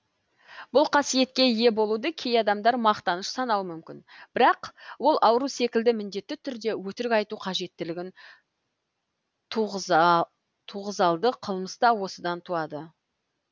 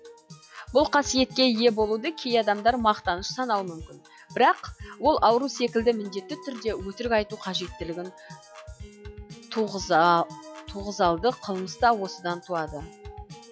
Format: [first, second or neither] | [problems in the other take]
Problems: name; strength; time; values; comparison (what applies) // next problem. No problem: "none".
first | noise reduction (classical method log-MMSE)